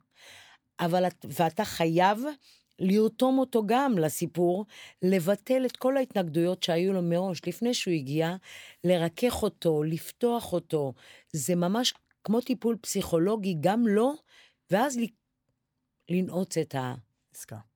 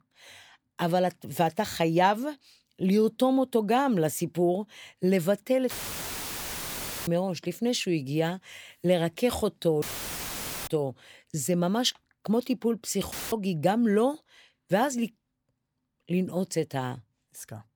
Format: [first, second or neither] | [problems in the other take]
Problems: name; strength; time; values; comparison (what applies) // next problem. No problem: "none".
first | audio cutting out; filled with static; at 5.5 s for 1.5 s, at 10 s for 1 s and at 13 s